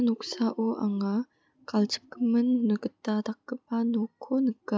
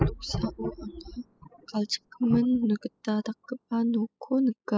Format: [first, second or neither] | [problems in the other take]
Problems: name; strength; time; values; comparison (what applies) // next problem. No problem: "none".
first | noise reduction (classical method spectral subtraction)